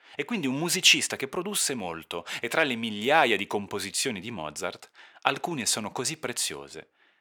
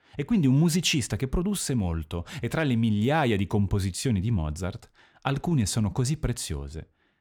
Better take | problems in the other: second | thin; very; fading below 450 Hz

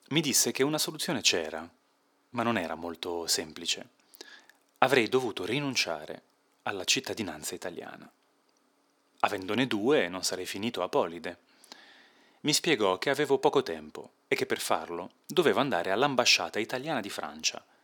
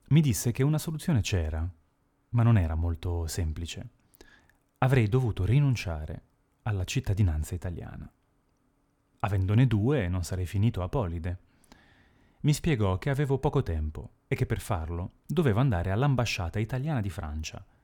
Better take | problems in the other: second | thin; very; fading below 300 Hz

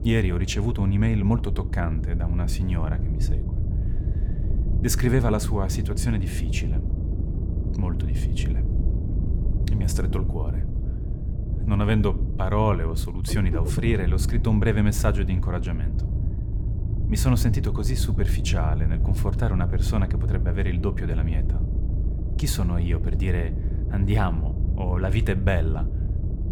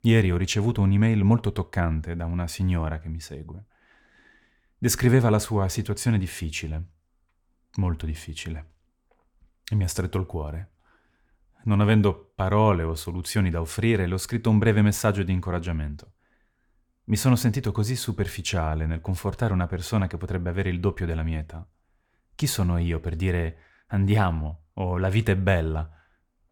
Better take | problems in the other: second | low rumble; loud; throughout; 9 dB below the speech

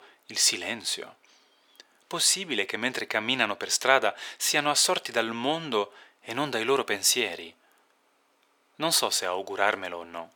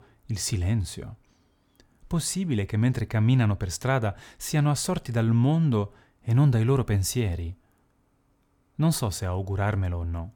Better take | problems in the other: second | thin; very; fading below 400 Hz

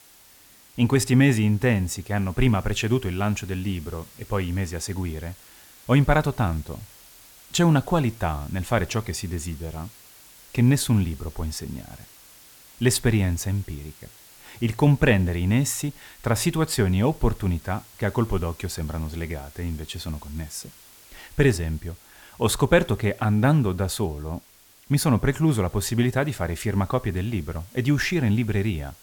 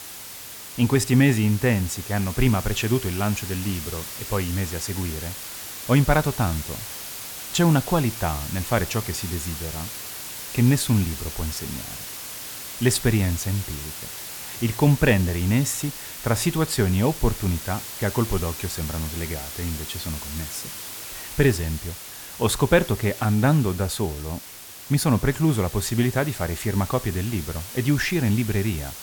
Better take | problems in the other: first | hiss; loud; throughout; 10 dB below the speech; faint in the first

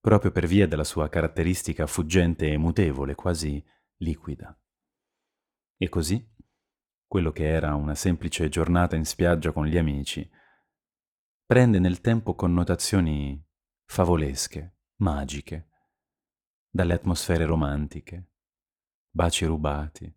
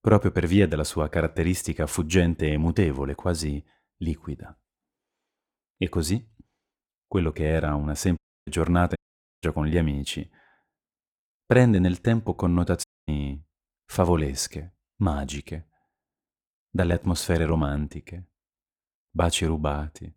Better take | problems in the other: first | audio cutting out; at 8 s, at 9 s and at 13 s

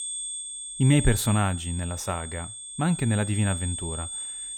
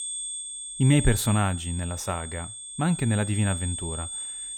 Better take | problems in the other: neither | high-pitched whine; loud; throughout; 8.5 kHz, 7 dB below the speech; the same in both

